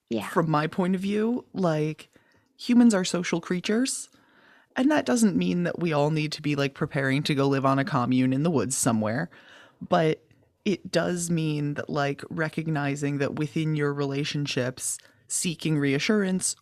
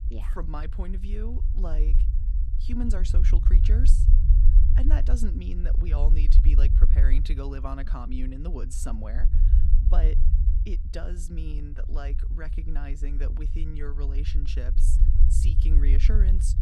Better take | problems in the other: first | low rumble; loud; throughout; 5 dB below the speech

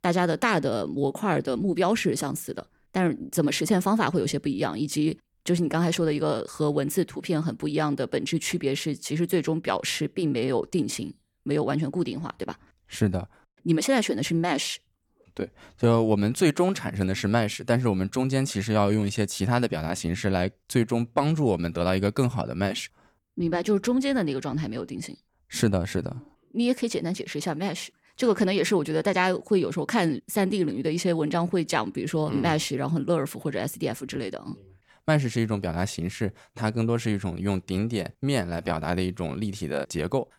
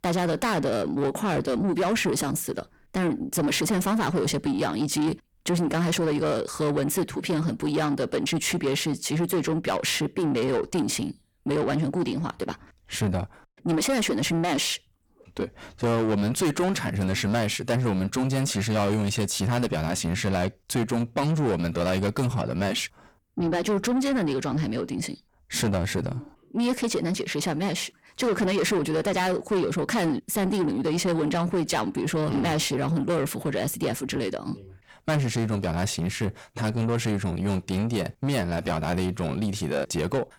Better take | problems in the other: first | distortion; heavy; 7 dB below the speech

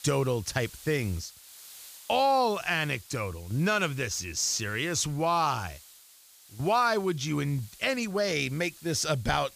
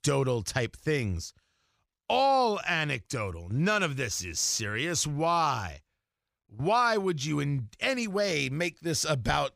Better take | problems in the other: second | hiss; faint; throughout; 20 dB below the speech

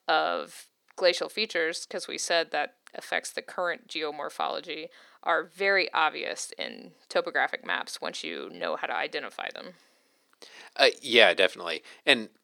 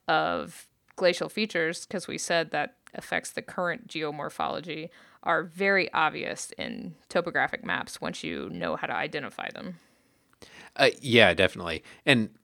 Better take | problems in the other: second | thin; somewhat; fading below 400 Hz

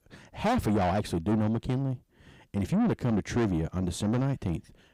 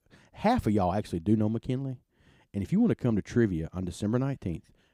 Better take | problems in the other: second | distortion; heavy; 8 dB below the speech

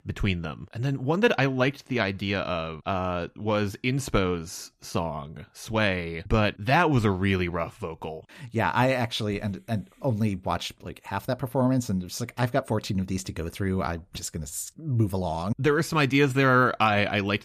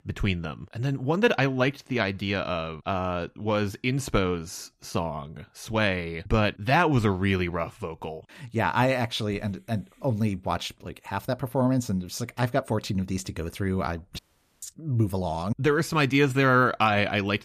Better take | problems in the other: first | audio cutting out; at 14 s

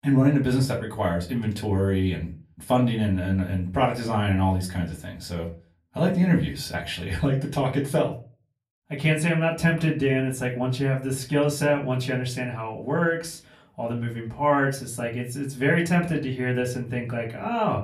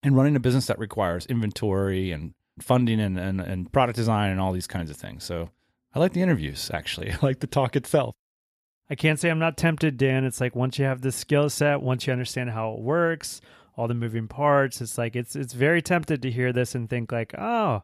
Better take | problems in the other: second | off-mic speech; far // room echo; very slight; dies away in 0.3 s

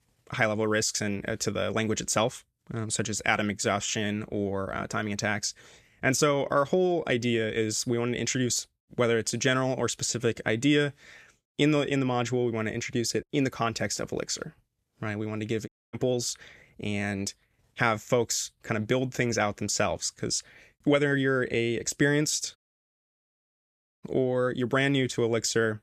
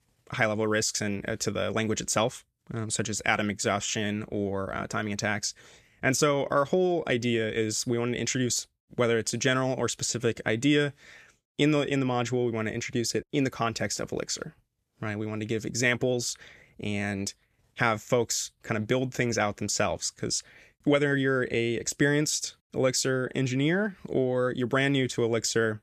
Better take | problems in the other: second | audio cutting out; at 16 s and at 23 s for 1.5 s

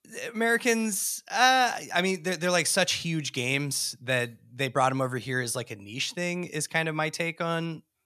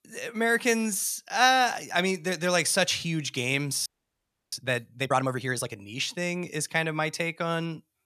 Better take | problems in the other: first | audio freezing; at 4 s for 0.5 s

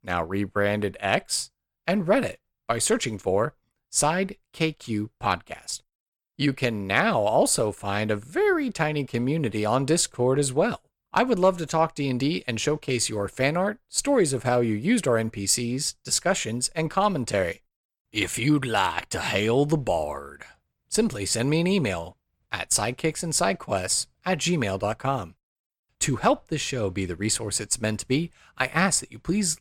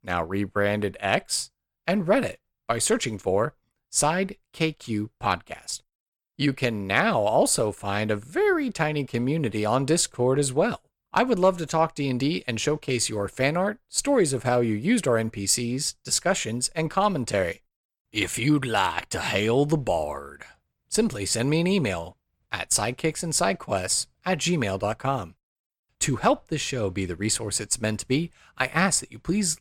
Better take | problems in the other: neither | none

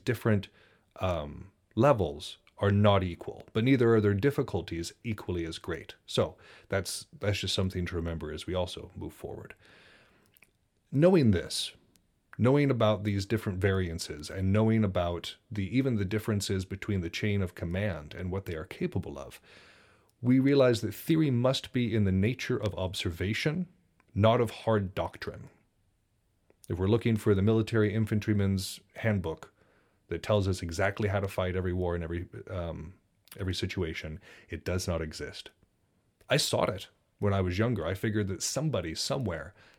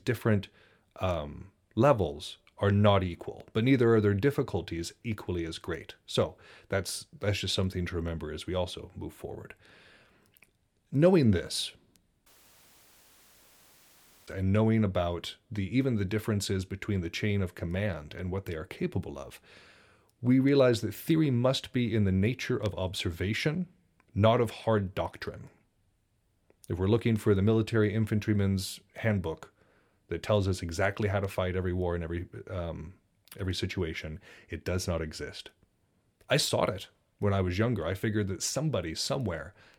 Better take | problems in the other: first | audio cutting out; at 12 s for 2 s

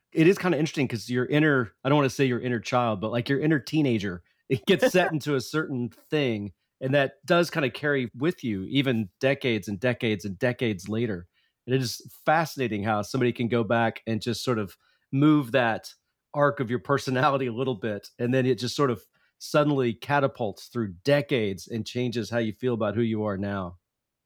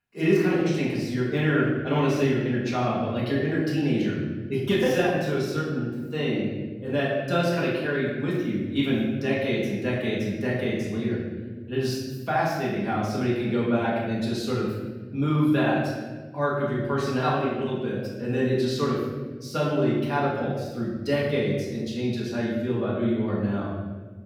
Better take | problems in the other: first | off-mic speech; far // room echo; noticeable; dies away in 1.4 s

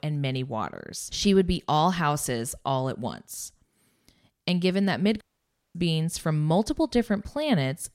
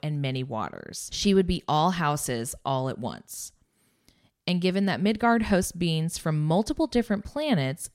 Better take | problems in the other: second | audio cutting out; at 5 s for 0.5 s

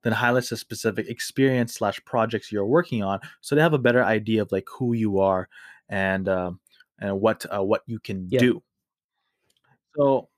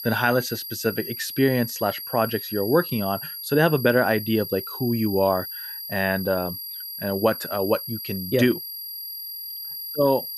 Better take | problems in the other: first | high-pitched whine; loud; throughout; 11.5 kHz, 8 dB below the speech

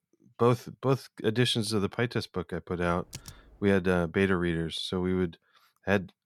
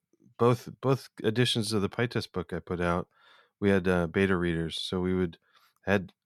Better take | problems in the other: second | keyboard typing; faint; at 3 s; peak 15 dB below the speech

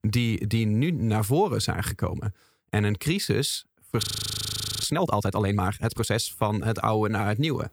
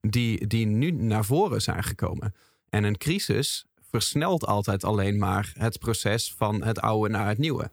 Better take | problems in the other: second | audio freezing; at 4 s for 1 s

